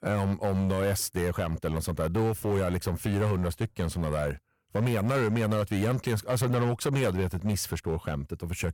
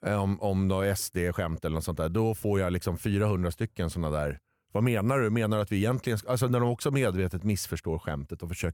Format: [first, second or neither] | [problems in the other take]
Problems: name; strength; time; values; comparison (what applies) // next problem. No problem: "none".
second | distortion; slight; 12% of the sound clipped